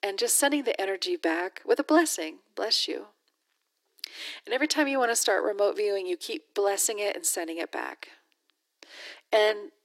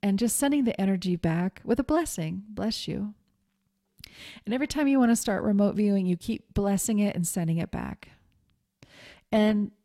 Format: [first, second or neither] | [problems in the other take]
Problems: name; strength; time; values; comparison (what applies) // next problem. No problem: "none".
second | thin; very; fading below 300 Hz